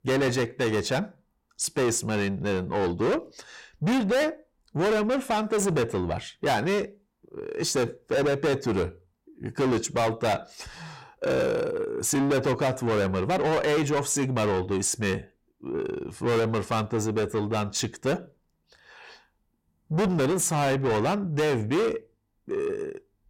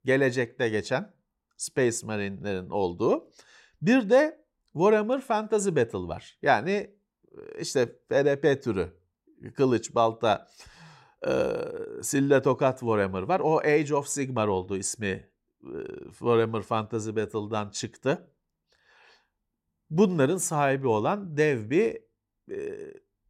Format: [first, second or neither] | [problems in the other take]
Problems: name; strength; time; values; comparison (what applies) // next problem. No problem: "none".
second | distortion; heavy; 6 dB below the speech